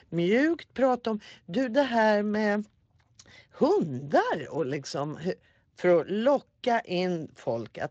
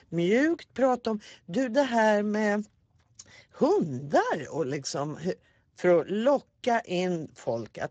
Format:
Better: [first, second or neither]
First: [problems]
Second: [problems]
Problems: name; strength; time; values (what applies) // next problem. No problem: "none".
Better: first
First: garbled, watery; slightly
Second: garbled, watery; badly; nothing above 7.5 kHz